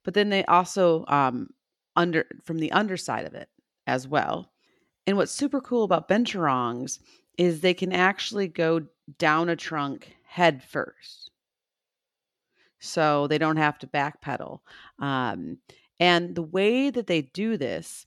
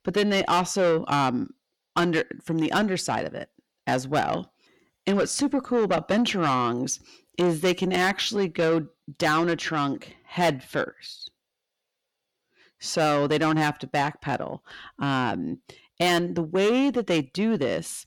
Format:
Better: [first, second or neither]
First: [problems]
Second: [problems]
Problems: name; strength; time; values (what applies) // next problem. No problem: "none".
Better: first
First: none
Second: distortion; heavy; 8 dB below the speech